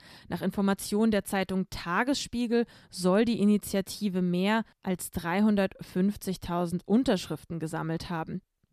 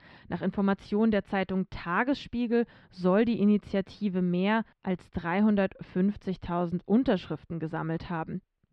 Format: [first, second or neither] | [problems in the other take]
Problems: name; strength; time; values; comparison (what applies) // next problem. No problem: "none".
first | muffled; slightly; fading above 3 kHz